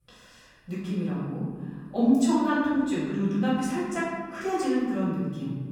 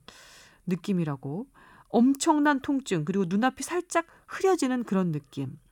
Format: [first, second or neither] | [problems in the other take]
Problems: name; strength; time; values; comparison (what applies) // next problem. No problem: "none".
second | off-mic speech; far // room echo; noticeable; dies away in 1.6 s